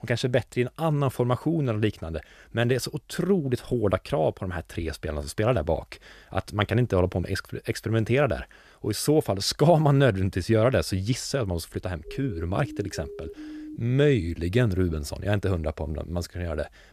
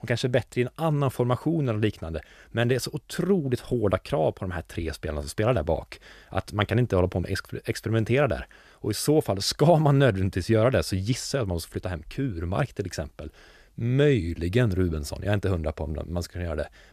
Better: second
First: siren; faint; from 12 to 14 s; peak 15 dB below the speech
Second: none

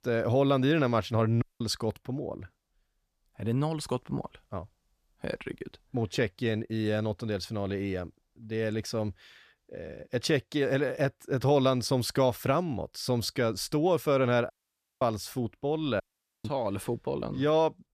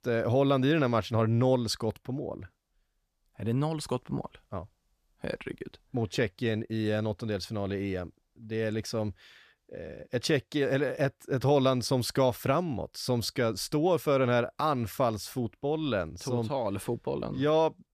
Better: second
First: audio cutting out; at 1.5 s, at 15 s for 0.5 s and at 16 s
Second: none

